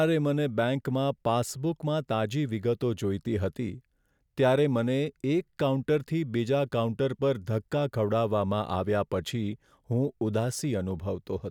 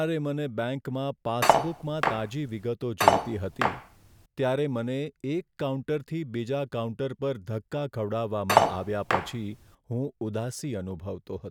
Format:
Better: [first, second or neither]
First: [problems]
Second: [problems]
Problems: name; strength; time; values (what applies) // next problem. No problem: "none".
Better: first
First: none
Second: background sound (Cutlery, silverware); 4 dB above the speech